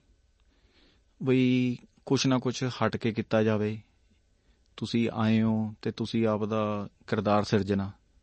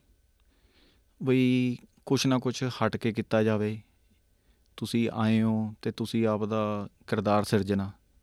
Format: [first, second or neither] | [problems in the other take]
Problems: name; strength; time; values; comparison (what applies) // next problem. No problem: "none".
second | garbled, watery; slightly